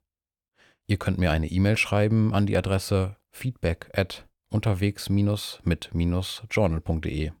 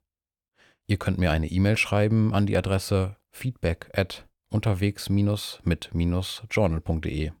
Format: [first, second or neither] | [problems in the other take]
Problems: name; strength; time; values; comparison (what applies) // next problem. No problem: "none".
neither | none